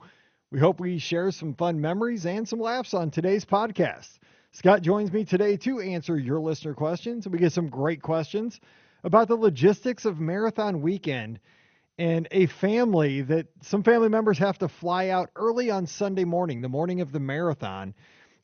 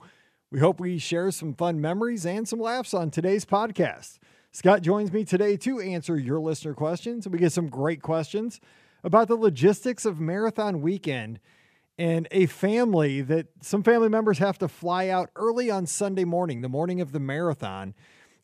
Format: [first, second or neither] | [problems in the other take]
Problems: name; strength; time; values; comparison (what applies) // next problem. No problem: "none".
second | garbled, watery; slightly; nothing above 6.5 kHz